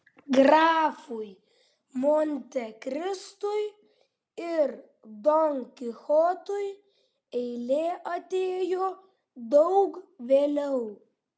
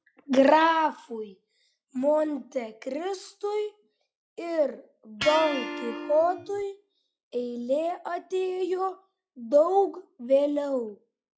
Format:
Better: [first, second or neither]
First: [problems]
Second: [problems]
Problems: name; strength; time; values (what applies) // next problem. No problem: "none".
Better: first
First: none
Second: noise reduction (classical method log-MMSE)